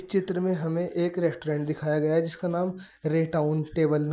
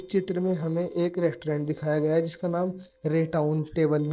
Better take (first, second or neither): first